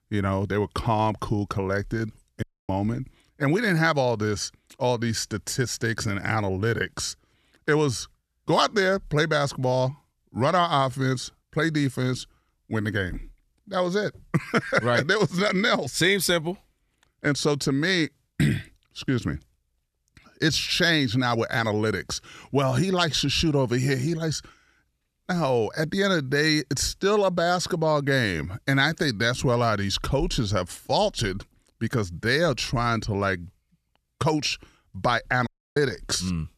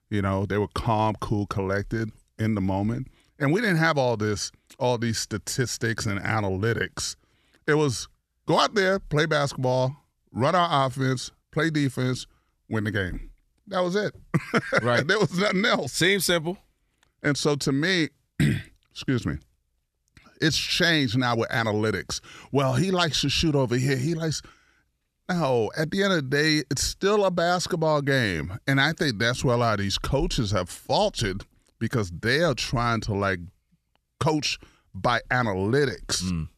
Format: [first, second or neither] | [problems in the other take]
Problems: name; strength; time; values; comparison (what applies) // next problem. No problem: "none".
second | audio cutting out; at 2.5 s and at 35 s